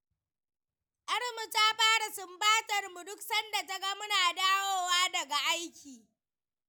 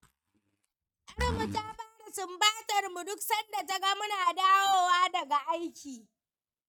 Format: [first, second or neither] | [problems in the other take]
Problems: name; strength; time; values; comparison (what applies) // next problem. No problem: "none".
first | noise reduction (neural mask model RNNoise)